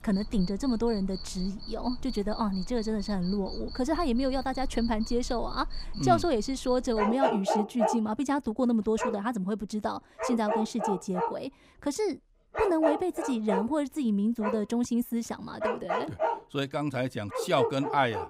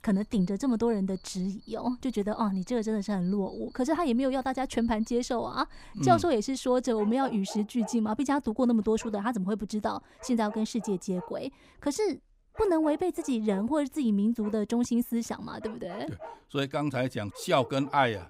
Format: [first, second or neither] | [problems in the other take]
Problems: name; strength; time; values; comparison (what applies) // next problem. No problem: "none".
second | animal sounds; loud; throughout; 5 dB below the speech; faint in the second